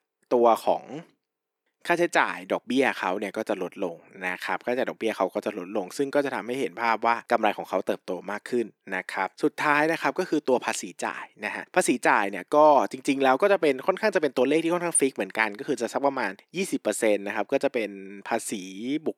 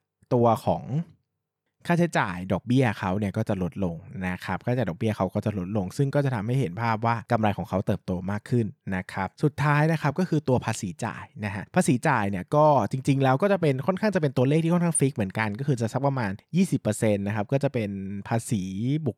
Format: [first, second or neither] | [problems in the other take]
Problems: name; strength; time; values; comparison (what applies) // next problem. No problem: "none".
second | thin; somewhat; fading below 300 Hz